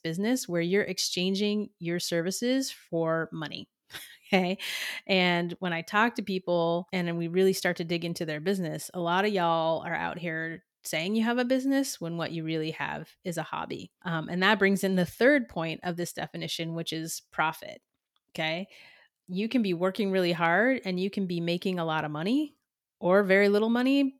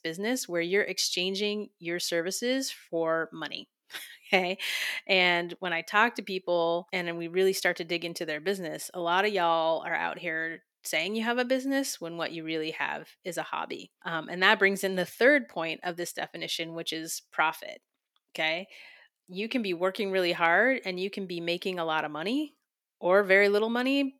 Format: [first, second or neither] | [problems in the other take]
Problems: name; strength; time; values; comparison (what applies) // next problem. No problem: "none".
first | thin; very slightly; fading below 300 Hz